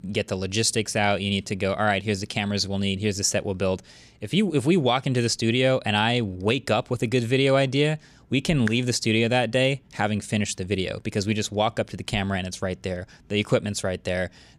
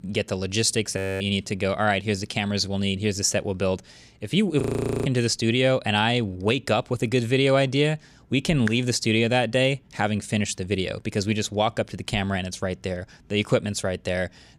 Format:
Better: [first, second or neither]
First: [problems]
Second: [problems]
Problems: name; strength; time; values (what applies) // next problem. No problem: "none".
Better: first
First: none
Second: audio freezing; at 1 s and at 4.5 s